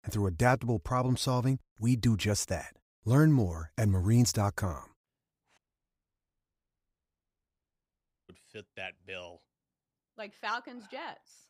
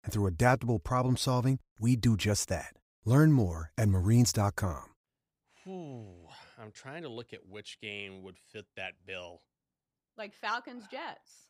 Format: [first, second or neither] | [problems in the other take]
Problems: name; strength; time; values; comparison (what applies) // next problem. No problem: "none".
second | audio cutting out; at 5.5 s for 2.5 s